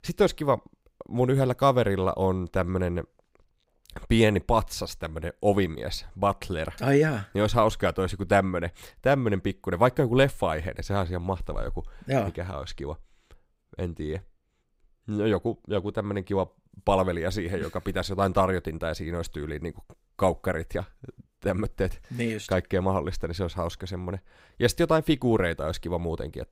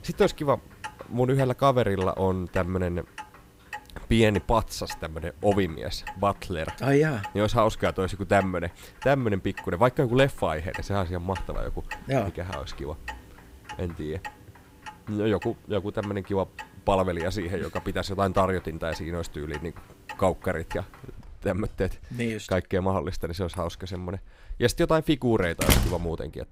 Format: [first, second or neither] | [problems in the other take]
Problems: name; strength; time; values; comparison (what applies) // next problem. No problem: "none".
first | household noises; noticeable; throughout; 10 dB below the speech